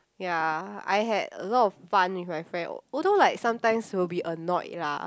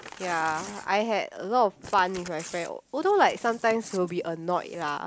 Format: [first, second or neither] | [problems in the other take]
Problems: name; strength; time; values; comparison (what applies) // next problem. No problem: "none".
first | background sound (Crumpling, crinkling / Tearing); 19 dB below the speech